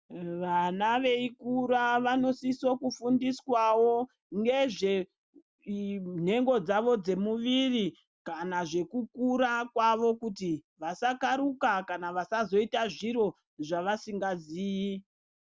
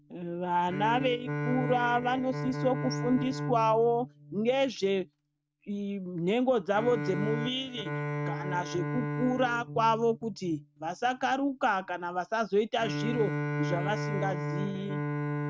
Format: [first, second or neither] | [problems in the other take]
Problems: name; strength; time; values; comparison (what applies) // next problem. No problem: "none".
first | noise reduction (neural mask model RNNoise)